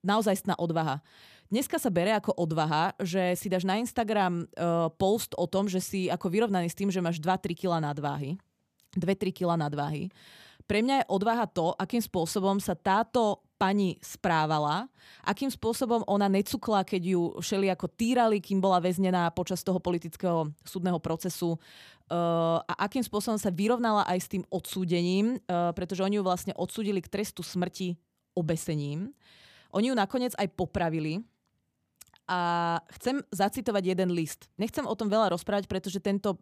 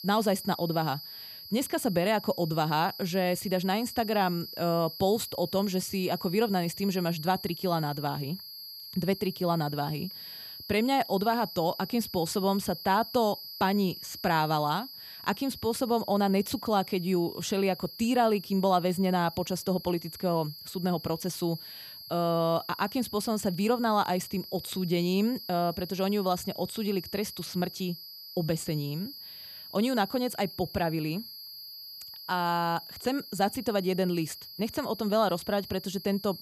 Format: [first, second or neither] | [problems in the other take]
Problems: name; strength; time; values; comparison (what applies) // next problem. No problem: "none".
first | high-pitched whine; noticeable; throughout; 5 kHz, 10 dB below the speech